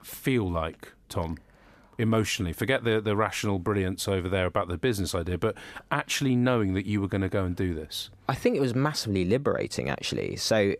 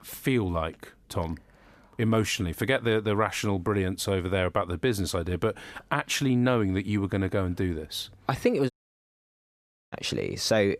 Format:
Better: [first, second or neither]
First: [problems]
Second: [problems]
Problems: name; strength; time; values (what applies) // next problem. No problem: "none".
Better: first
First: none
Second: audio cutting out; at 8.5 s for 1 s